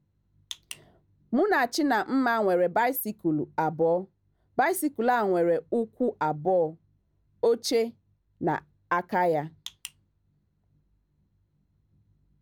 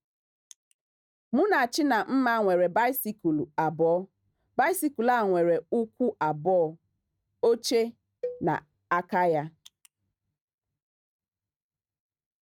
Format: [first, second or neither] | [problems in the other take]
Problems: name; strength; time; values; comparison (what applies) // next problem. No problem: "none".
first | noise reduction (neural mask model RNNoise)